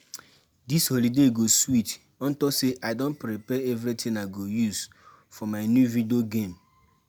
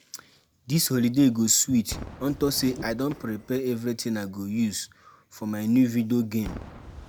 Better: first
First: none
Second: background sound (Whoosh, swoosh, swish / Fireworks); 18 dB below the speech

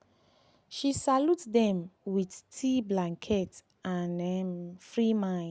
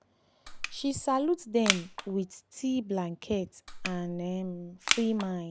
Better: first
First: none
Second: background sound (Crushing); 4 dB below the speech

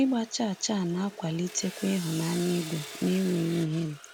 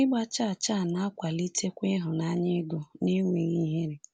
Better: second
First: background sound (Sawing); 15 dB below the speech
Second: none

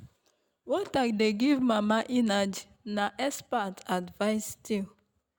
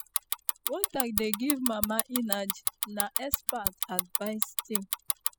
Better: first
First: none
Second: noise reduction (classical method spectral subtraction)

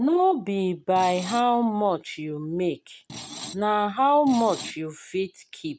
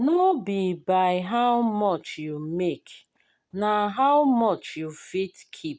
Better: second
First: background sound (Screech); 15 dB below the speech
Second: none

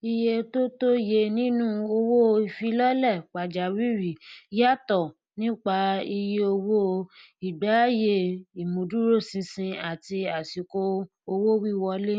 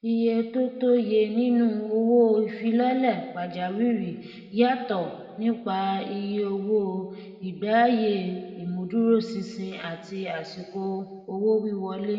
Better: first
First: none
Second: room echo; dies away in 1.3 s

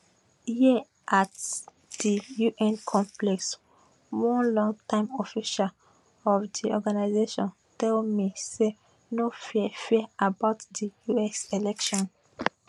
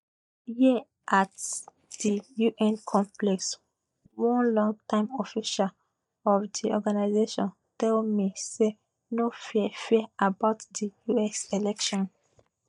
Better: first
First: none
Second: noise reduction (neural mask model DeepFilterNet 3)

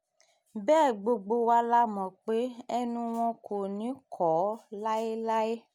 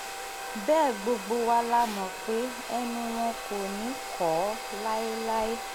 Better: first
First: none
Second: background sound (Domestic sounds, home sounds); 7 dB below the speech

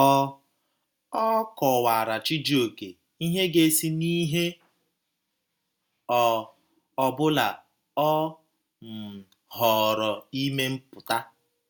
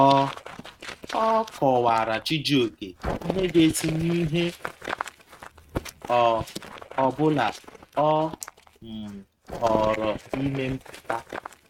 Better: first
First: none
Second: noise reduction (neural mask model RNNoise)

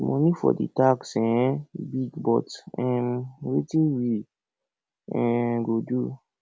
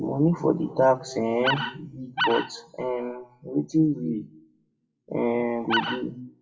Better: first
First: none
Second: noise reduction (classical method WPE with log-MMSE)

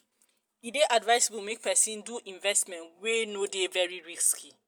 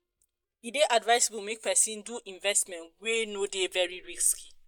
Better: first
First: none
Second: noise reduction (neural mask model DeepFilterNet 3)

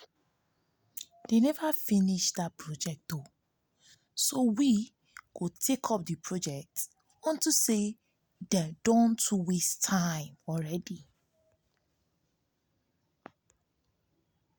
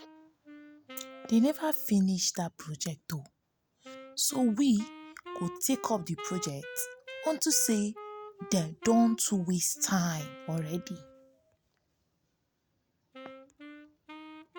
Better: first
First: none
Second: background sound (Wind instrument, woodwind instrument); 16 dB below the speech

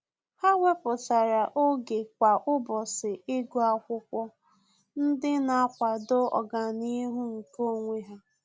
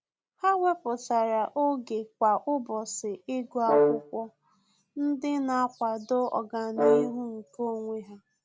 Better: first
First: none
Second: background sound (Brass instrument); 1 dB above the speech

